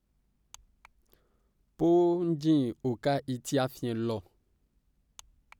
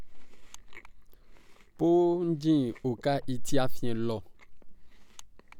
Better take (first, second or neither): first